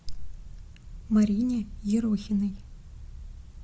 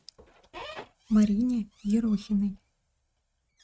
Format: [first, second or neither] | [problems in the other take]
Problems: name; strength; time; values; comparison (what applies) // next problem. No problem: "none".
first | noise reduction (neural mask model RNNoise)